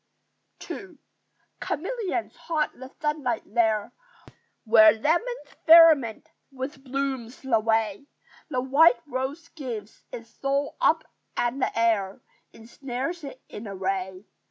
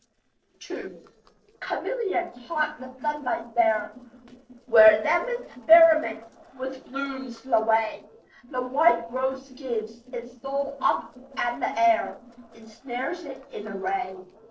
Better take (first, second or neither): first